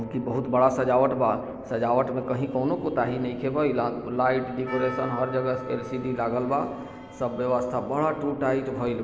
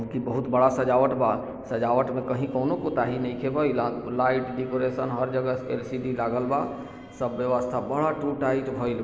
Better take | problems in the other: second | background sound (Percussion); 19 dB below the speech

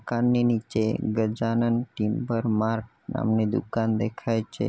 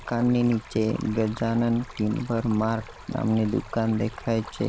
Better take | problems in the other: first | background sound (Stream); 17 dB below the speech

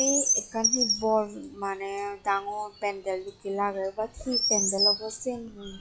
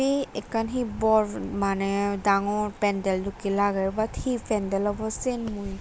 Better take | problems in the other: second | noise reduction (classical method log-MMSE)

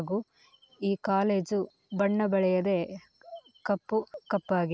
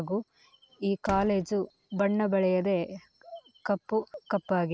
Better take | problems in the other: first | background sound (Slam); 19 dB below the speech

